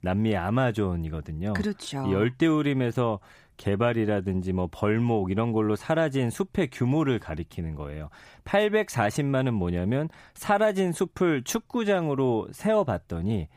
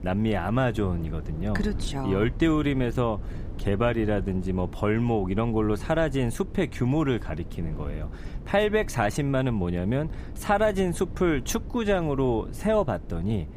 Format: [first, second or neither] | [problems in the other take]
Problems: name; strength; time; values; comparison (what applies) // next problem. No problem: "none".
first | low rumble; noticeable; throughout; 20 dB below the speech